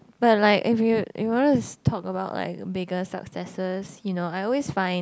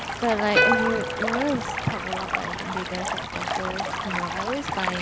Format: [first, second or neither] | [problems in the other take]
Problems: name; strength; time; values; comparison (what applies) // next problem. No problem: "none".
first | background sound (Stream + Plucked string instrument); 2 dB above the speech